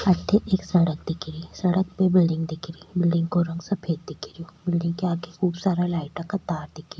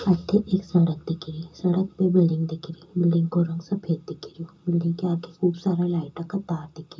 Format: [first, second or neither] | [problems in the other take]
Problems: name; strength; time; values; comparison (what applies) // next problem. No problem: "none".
first | room echo; dies away in 0.2 s